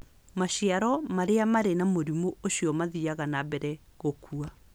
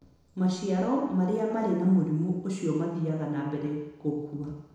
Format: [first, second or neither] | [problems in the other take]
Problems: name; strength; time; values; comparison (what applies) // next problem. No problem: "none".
first | room echo; dies away in 1 s